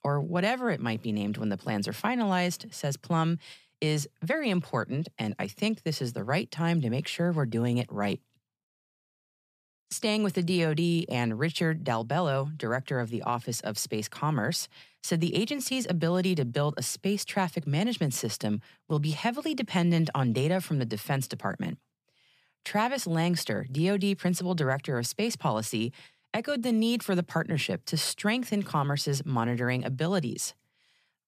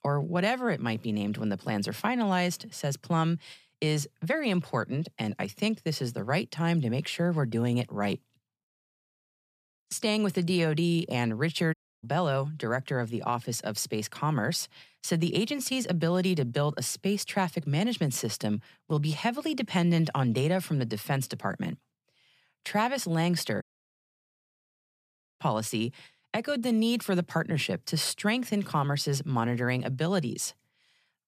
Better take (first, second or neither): first